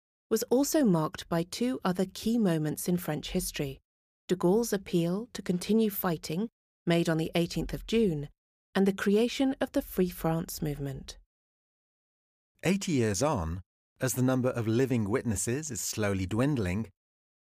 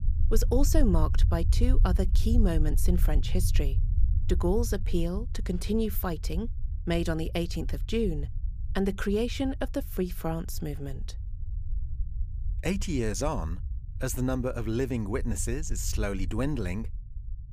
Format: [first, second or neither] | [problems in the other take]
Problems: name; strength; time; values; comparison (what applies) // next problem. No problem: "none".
first | low rumble; noticeable; throughout; 15 dB below the speech